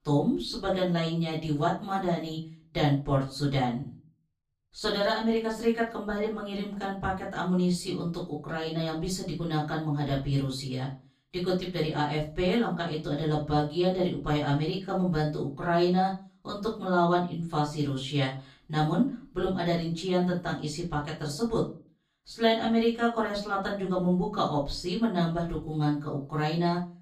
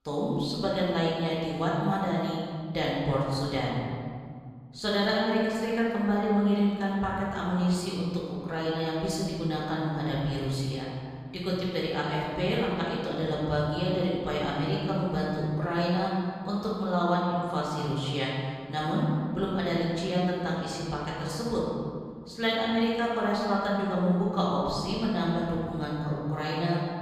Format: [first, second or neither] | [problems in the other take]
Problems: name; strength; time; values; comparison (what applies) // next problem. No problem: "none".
first | room echo; strong; dies away in 1.9 s; slight in the first // off-mic speech; far; far in the first